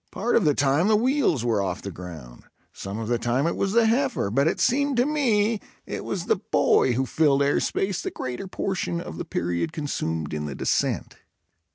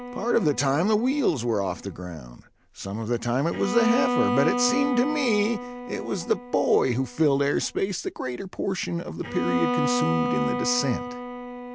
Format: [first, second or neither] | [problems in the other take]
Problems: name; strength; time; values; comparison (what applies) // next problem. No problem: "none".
first | background sound (Bowed string instrument); 5 dB below the speech